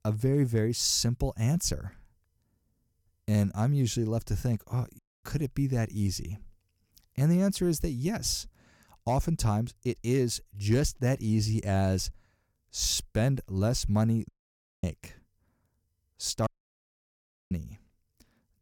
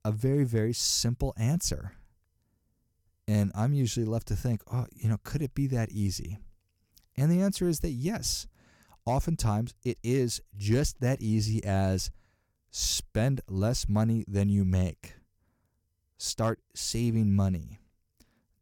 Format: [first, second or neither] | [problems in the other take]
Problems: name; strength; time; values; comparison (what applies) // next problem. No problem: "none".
second | audio cutting out; at 5 s, at 14 s for 0.5 s and at 16 s for 1 s